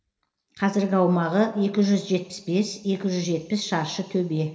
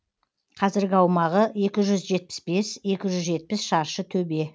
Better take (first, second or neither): second